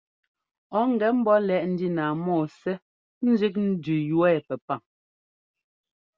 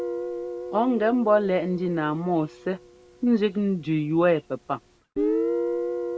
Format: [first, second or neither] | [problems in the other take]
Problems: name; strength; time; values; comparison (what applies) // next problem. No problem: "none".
first | background sound (Guitar); 6 dB below the speech